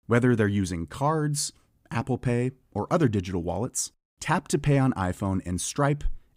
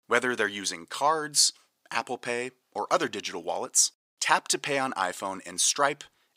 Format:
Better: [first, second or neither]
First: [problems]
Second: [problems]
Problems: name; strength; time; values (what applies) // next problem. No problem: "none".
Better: first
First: none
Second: thin; very; fading below 600 Hz